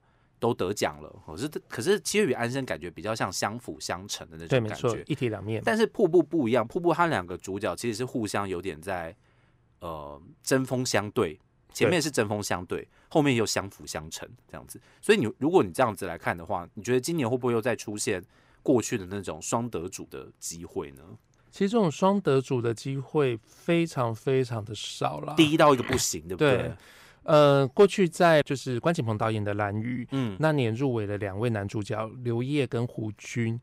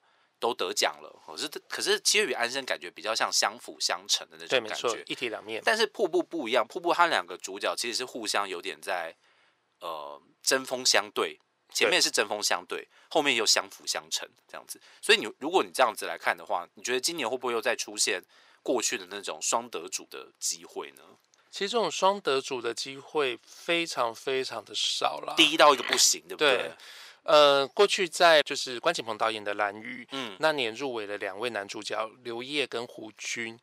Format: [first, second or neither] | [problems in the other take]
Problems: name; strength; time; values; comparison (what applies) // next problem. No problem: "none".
first | thin; somewhat; fading below 550 Hz